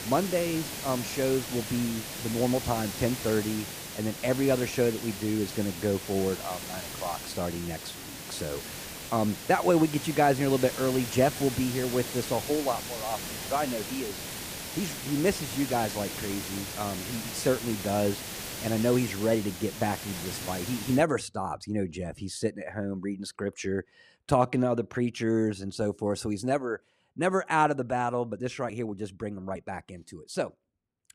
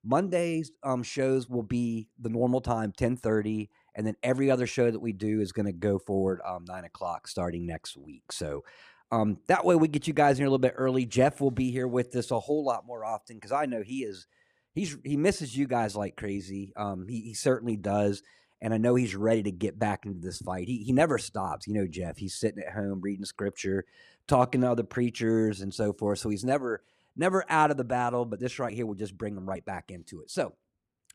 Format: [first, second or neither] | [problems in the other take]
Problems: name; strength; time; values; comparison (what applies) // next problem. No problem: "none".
second | hiss; loud; until 21 s; 7 dB below the speech